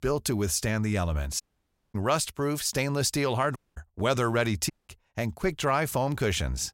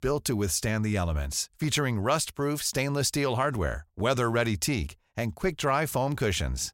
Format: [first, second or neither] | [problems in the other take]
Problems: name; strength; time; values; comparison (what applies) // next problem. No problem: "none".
second | audio cutting out; at 1.5 s for 0.5 s, at 3.5 s and at 4.5 s